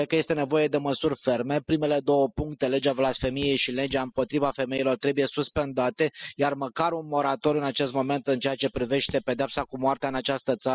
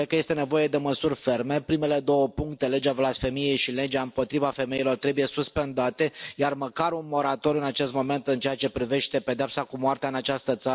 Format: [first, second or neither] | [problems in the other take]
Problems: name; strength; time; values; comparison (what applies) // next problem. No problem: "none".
second | noise reduction (classical method spectral subtraction)